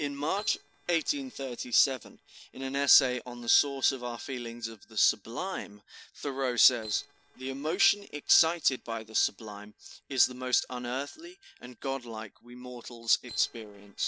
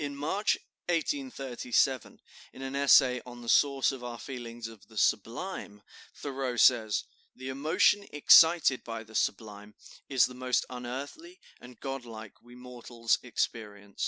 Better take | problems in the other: second | noise reduction (neural separator model SepFormer DNS4)

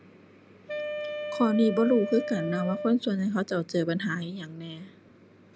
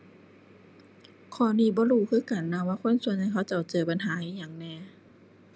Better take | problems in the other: second | background sound (Wind instrument, woodwind instrument); 7 dB below the speech

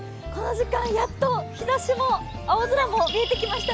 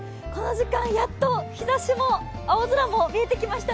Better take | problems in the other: second | background sound (Bird); 13 dB below the speech

